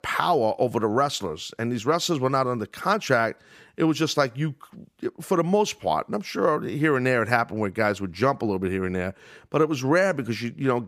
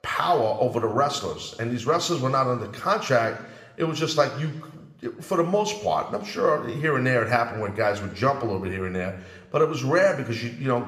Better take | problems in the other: first | room echo; slight; dies away in 0.8 s

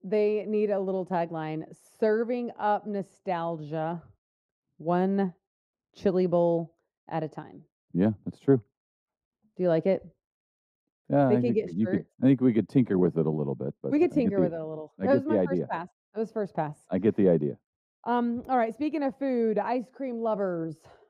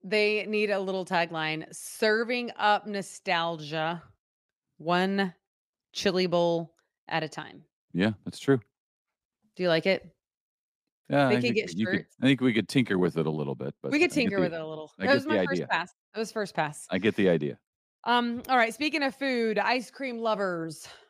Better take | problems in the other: second | muffled; very; fading above 1.5 kHz

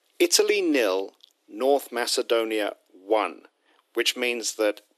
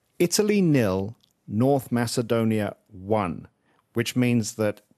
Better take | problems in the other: second | thin; somewhat; fading below 300 Hz

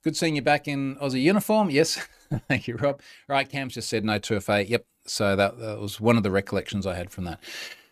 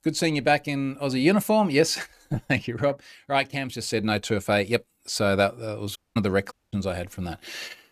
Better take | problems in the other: first | audio cutting out; at 6 s and at 6.5 s

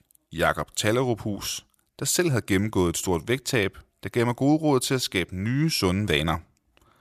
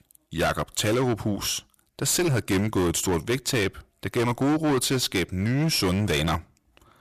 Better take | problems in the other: first | distortion; heavy; 16% of the sound clipped

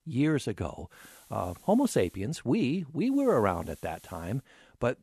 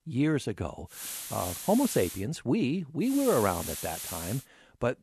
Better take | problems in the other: first | hiss; loud; from 1 to 2 s and from 3 to 4.5 s; 7 dB below the speech; faint in the first

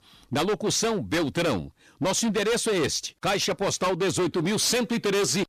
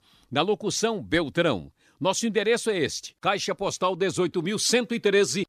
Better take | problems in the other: second | distortion; heavy; 25% of the sound clipped

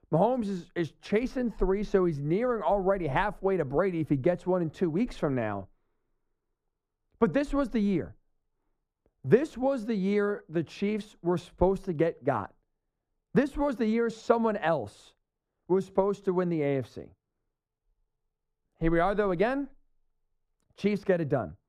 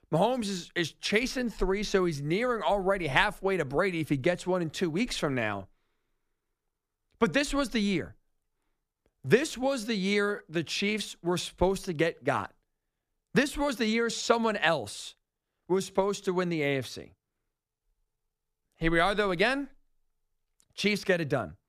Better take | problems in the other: second | muffled; slightly; fading above 1.5 kHz

